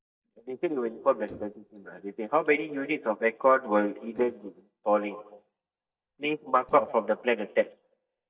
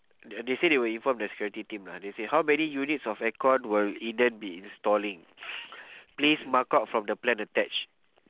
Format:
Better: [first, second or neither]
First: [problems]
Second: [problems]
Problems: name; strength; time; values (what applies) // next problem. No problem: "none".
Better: second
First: noise reduction (neural mask model DeepFilterNet 3)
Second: none